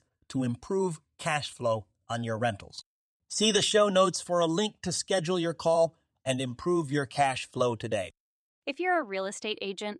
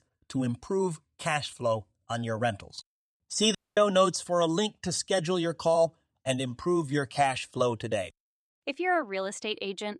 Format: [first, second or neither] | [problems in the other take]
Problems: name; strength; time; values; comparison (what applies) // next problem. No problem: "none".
first | audio cutting out; at 3.5 s